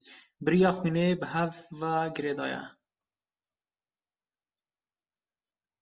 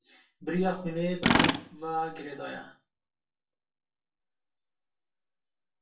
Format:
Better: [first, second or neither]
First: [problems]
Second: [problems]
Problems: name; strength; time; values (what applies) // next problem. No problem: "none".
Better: first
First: none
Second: background sound (Tools); 4 dB above the speech // room echo; dies away in 0.2 s